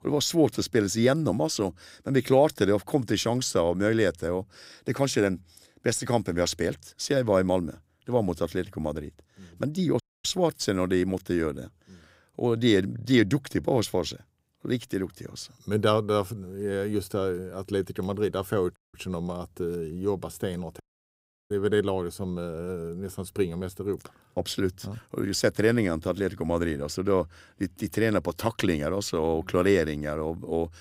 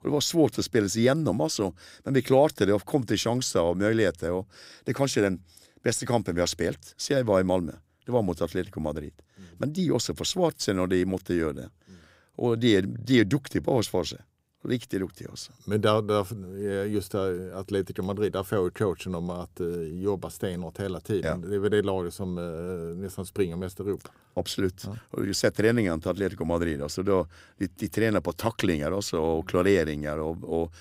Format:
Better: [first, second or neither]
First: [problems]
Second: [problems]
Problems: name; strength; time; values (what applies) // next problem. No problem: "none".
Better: second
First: audio cutting out; at 10 s, at 19 s and at 21 s for 0.5 s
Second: none